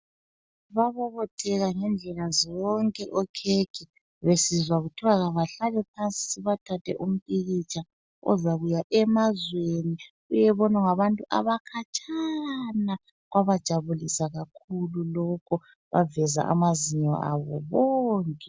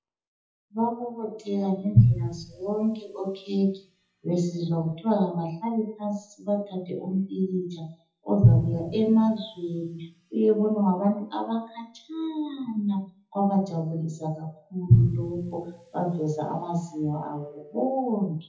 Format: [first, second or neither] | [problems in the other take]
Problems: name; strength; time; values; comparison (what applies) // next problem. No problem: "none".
first | noise reduction (classical method WPE with log-MMSE)